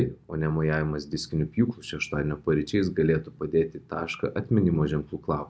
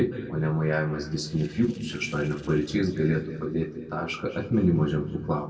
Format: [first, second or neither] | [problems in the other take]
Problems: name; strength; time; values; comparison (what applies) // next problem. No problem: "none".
first | noise reduction (neural separator model SepFormer DNS4)